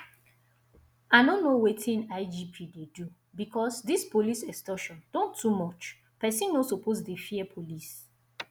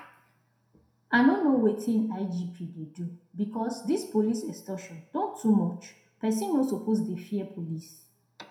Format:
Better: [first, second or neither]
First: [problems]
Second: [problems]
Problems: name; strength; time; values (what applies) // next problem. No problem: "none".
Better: first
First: none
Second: room echo; dies away in 0.5 s